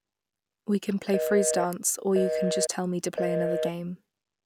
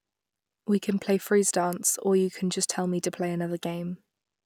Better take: second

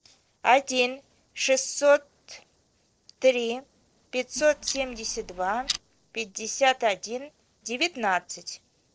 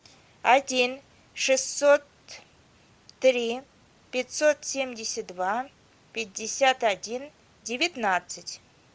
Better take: second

